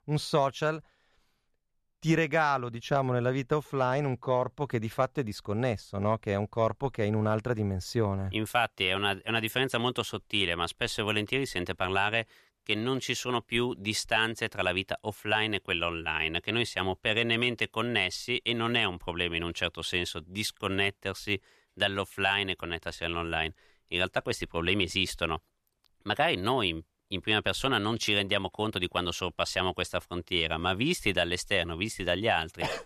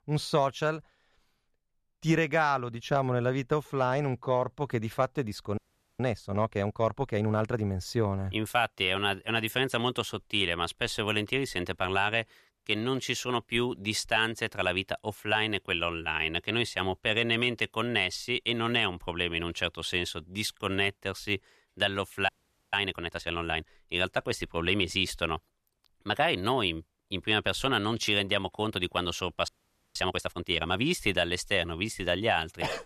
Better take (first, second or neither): first